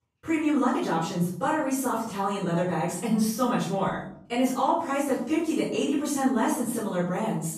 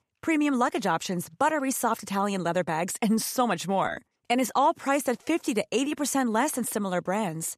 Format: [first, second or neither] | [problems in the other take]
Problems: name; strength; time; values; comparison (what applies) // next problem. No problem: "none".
second | room echo; noticeable; dies away in 0.6 s // off-mic speech; far